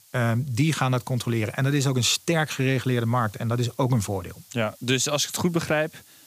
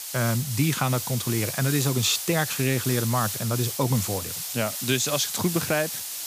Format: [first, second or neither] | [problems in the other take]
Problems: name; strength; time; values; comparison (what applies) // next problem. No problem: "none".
first | hiss; loud; throughout; 4 dB below the speech; faint in the first